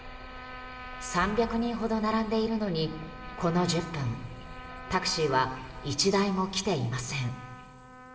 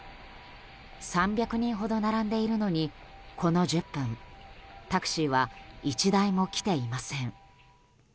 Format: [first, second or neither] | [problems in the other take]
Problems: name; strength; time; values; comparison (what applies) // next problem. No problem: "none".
second | background sound (Trumpet); 16 dB below the speech // room echo; dies away in 2.7 s